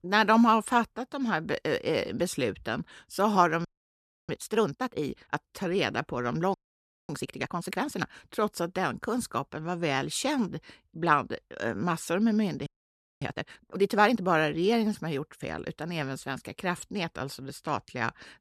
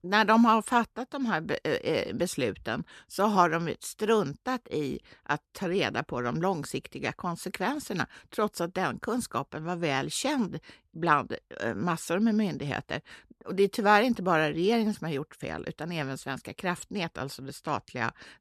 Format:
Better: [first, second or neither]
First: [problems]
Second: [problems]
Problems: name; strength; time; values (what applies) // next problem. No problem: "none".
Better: second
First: audio freezing; at 3.5 s for 0.5 s, at 6.5 s for 0.5 s and at 13 s for 0.5 s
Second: none